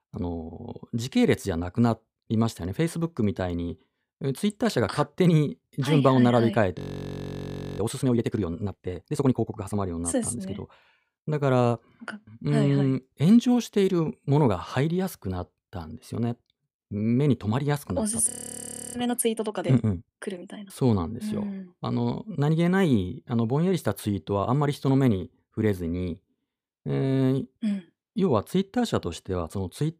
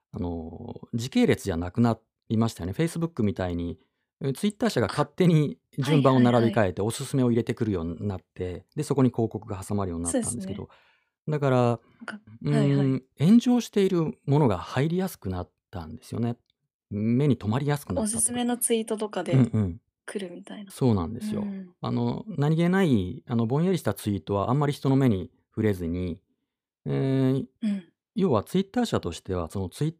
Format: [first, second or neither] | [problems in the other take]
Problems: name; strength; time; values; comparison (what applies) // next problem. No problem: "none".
second | audio freezing; at 7 s for 1 s and at 18 s for 0.5 s